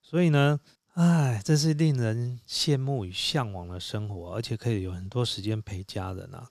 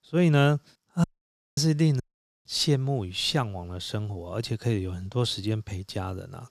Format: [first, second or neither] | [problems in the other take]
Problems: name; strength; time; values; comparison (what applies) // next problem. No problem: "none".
first | audio cutting out; at 1 s for 0.5 s and at 2 s